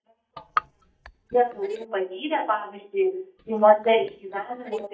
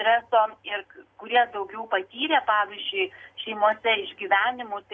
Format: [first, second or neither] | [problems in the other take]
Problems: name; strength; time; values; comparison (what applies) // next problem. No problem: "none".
second | noise reduction (neural mask model DeepFilterNet 3)